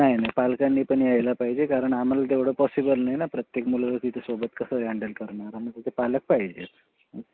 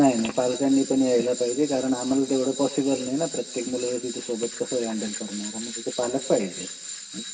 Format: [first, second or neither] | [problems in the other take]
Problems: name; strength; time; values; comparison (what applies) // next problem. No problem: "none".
first | background sound (Tools); 11 dB below the speech // room echo; dies away in 0.7 s